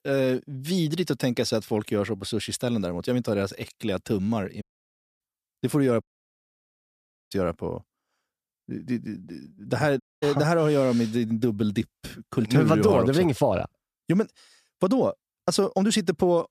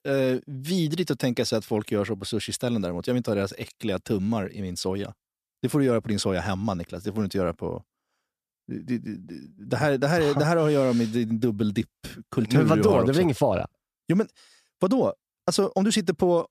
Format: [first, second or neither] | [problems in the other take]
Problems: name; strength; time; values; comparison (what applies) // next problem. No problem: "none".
second | audio cutting out; at 4.5 s for 0.5 s, at 6 s for 1.5 s and at 10 s